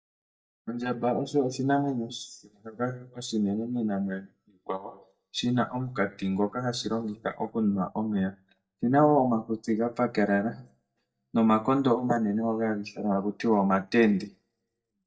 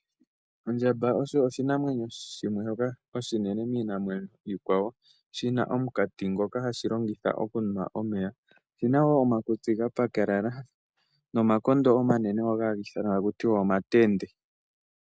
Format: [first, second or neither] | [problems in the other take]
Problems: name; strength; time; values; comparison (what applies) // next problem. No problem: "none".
second | noise reduction (neural mask model DeepFilterNet 3)